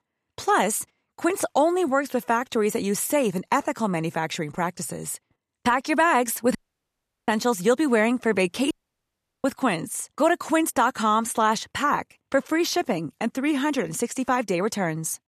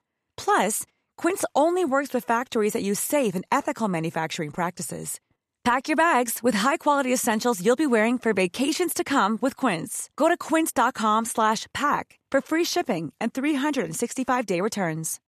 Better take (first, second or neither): second